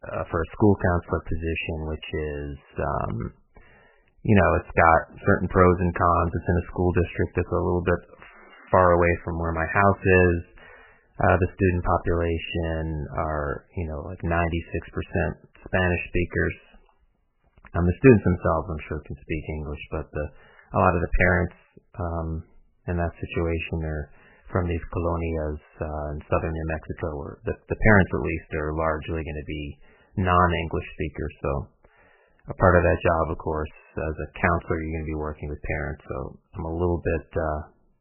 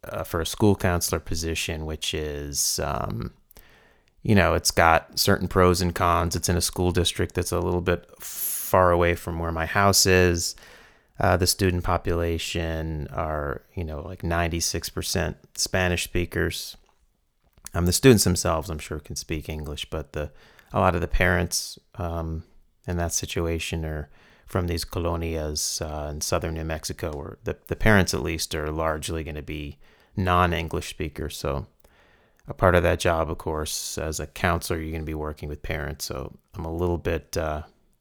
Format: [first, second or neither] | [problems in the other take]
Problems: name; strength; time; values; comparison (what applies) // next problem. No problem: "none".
second | garbled, watery; badly; nothing above 3 kHz